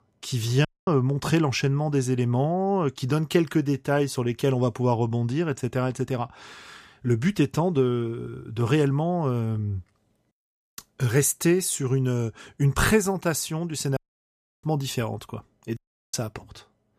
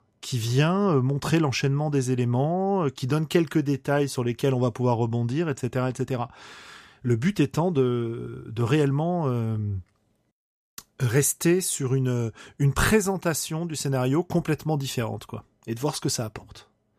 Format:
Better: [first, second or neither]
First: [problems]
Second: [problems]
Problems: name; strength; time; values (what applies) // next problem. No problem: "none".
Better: second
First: audio cutting out; at 0.5 s, at 14 s for 0.5 s and at 16 s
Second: none